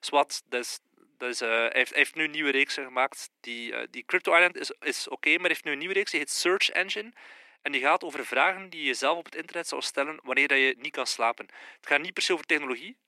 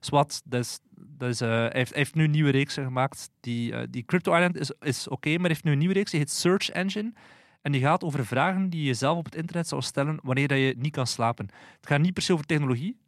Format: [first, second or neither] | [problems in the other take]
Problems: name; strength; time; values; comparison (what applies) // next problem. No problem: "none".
second | thin; very; fading below 300 Hz